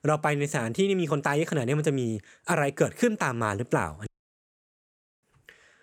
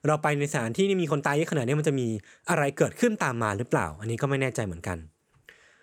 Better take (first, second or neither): second